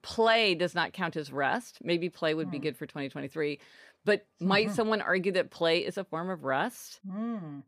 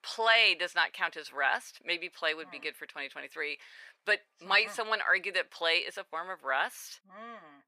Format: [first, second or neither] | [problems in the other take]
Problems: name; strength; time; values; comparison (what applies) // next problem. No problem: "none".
first | thin; very; fading below 750 Hz